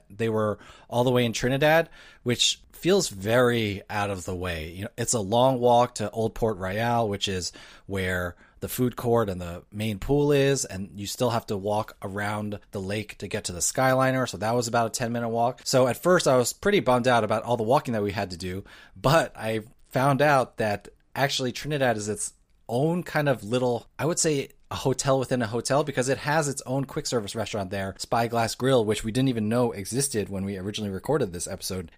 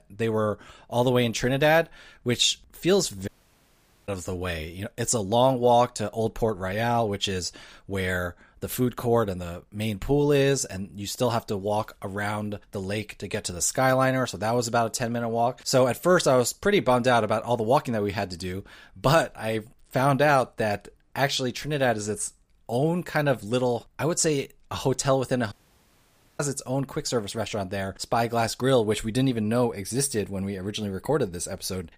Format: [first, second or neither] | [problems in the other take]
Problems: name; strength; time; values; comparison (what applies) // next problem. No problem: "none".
first | audio cutting out; at 3.5 s for 1 s and at 26 s for 1 s